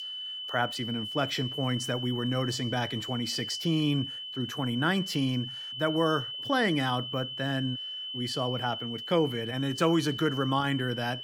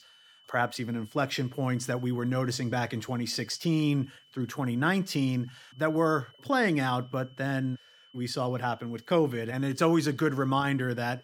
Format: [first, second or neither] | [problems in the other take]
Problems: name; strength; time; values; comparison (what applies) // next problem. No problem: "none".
second | high-pitched whine; loud; throughout; 3 kHz, 6 dB below the speech; faint in the second